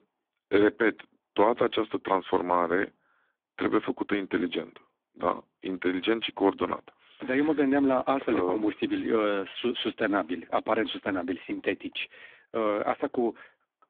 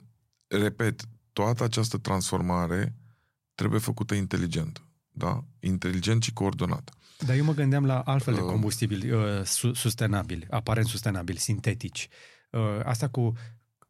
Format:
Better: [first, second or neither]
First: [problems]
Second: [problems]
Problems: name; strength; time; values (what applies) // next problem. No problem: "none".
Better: second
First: phone-call audio; poor line; nothing above 3.5 kHz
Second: none